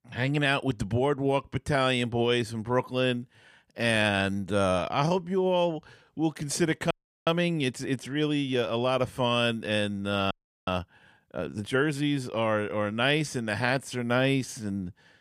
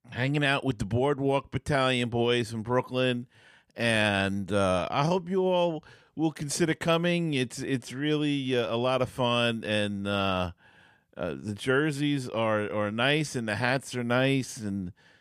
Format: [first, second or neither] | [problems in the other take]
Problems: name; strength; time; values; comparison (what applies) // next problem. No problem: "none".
second | audio freezing; at 7 s and at 10 s